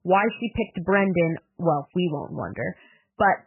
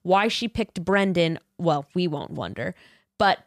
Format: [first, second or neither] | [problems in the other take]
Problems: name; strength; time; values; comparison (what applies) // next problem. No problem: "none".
second | garbled, watery; badly; nothing above 3 kHz